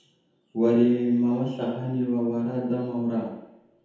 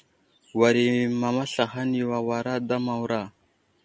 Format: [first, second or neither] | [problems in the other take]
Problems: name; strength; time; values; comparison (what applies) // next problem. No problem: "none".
second | room echo; dies away in 0.9 s